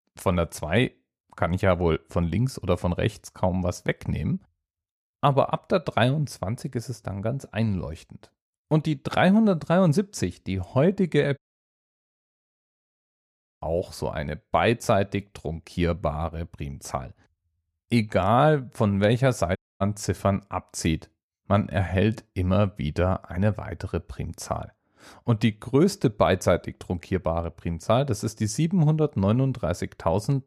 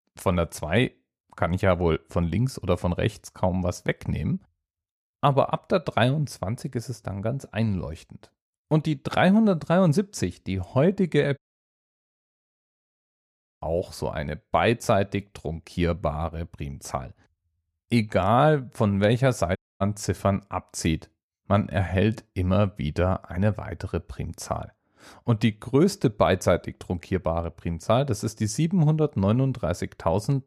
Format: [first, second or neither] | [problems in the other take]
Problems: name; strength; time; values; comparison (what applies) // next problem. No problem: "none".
neither | audio cutting out; at 11 s for 2 s and at 20 s; the same in both